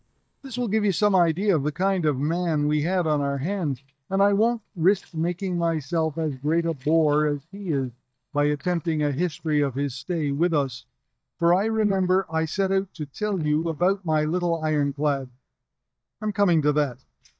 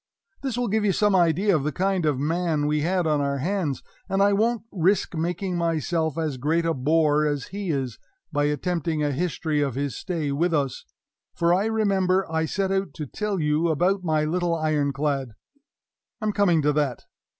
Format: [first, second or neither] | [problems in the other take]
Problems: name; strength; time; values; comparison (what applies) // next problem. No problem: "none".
second | noise reduction (neural mask model DeepFilterNet 3)